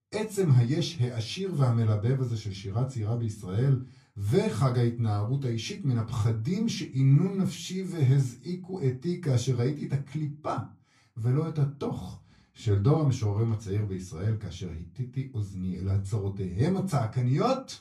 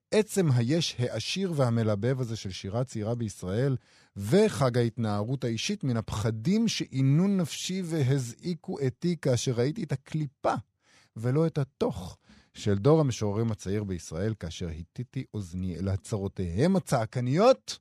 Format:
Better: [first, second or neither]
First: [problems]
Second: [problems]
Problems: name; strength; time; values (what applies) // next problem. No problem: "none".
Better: second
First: off-mic speech; far // room echo; very slight; dies away in 0.2 s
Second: none